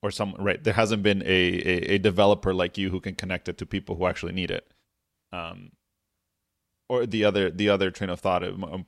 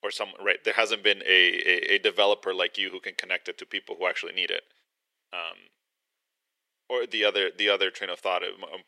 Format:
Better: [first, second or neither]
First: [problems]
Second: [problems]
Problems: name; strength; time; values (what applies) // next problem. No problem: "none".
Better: first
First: none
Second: thin; very; fading below 400 Hz